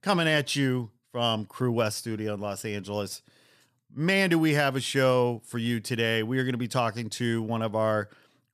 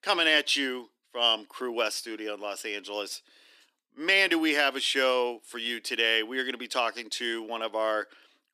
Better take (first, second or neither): first